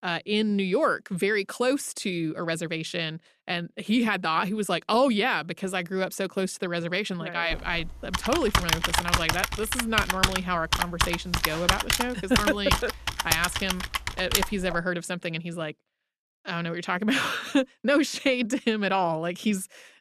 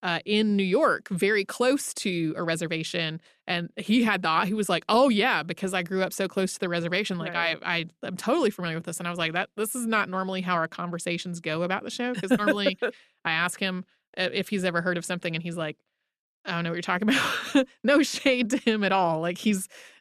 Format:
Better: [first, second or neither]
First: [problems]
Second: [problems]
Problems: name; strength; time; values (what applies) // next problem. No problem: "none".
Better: second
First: keyboard typing; loud; from 7.5 to 15 s; peak 4 dB above the speech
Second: none